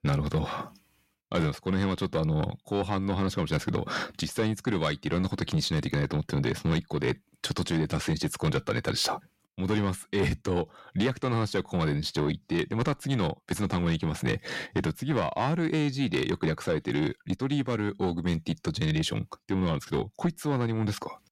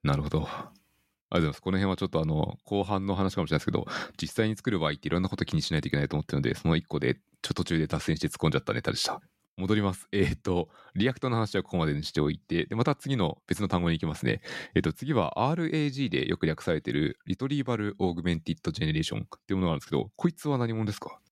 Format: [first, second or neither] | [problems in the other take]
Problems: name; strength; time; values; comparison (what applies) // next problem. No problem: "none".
second | distortion; slight; 10 dB below the speech